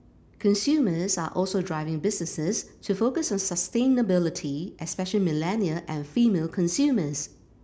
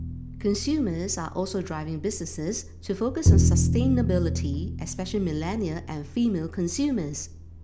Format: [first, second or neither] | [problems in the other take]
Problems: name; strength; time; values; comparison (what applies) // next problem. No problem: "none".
first | background sound (Bowed string instrument); 1 dB above the speech